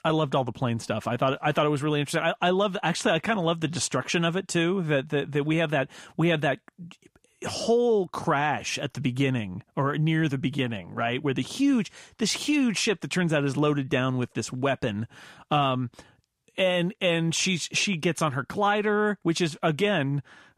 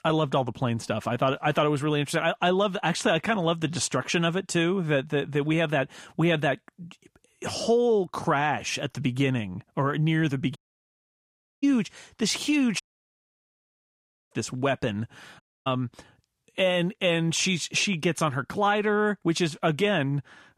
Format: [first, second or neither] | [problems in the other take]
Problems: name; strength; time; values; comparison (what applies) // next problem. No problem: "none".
first | audio cutting out; at 11 s for 1 s, at 13 s for 1.5 s and at 15 s